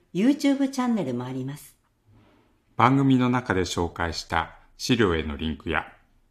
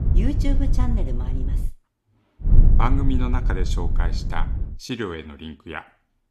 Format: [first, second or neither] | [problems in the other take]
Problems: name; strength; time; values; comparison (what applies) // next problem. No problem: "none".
first | low rumble; loud; until 1.5 s and from 2.5 to 4.5 s; 8 dB below the speech